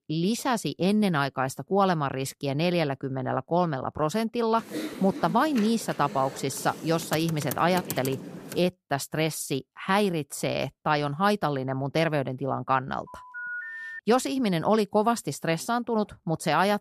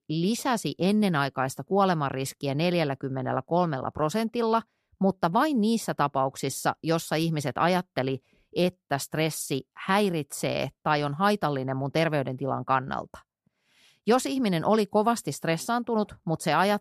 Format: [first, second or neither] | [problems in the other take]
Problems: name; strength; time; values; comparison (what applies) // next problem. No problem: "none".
second | keyboard typing; noticeable; from 4.5 to 8.5 s; peak 7 dB below the speech // phone ringing; noticeable; at 13 s; peak 7 dB below the speech